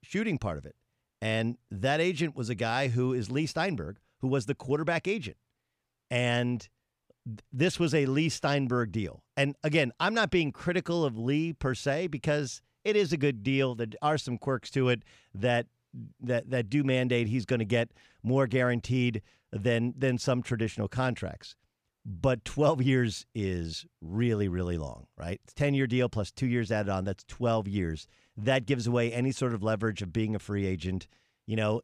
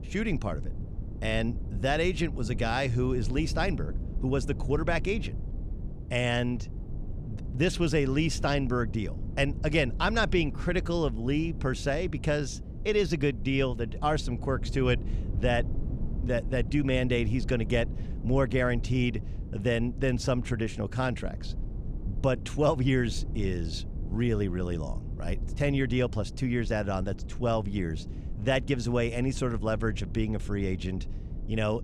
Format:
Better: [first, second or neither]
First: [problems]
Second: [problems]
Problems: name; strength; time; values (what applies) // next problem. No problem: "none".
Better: first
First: none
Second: low rumble; noticeable; throughout; 20 dB below the speech